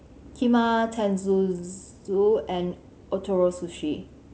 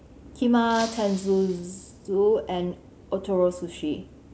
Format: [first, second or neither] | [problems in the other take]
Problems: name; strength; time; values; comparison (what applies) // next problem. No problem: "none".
first | background sound (Shatter); 19 dB below the speech